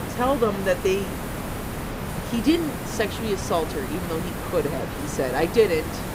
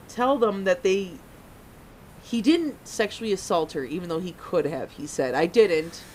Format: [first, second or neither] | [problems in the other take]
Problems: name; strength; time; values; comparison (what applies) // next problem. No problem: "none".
second | hiss; loud; throughout; 6 dB below the speech; faint in the second